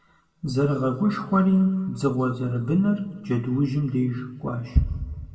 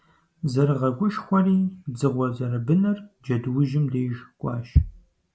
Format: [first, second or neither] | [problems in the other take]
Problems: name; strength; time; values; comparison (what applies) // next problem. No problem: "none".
second | room echo; dies away in 1.3 s